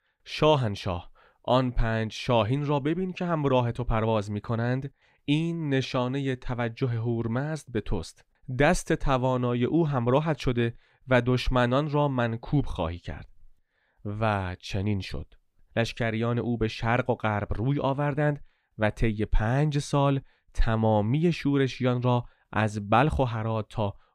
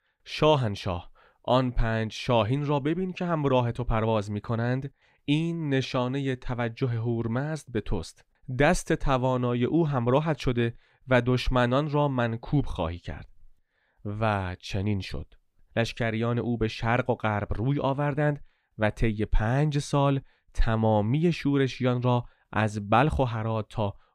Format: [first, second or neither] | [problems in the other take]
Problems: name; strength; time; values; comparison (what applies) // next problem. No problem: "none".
neither | none